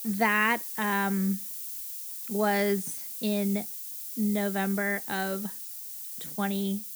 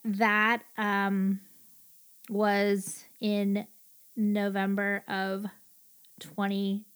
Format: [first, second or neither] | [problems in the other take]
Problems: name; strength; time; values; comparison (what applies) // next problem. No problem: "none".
second | hiss; loud; throughout; 6 dB below the speech; faint in the second